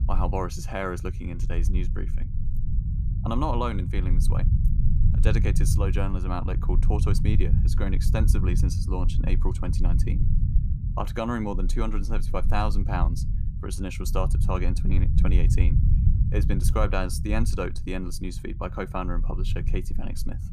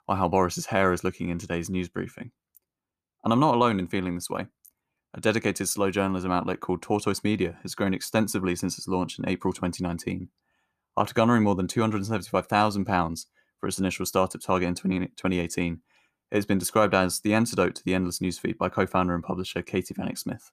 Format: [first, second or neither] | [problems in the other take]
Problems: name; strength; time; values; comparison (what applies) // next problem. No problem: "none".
second | low rumble; loud; throughout; 9 dB below the speech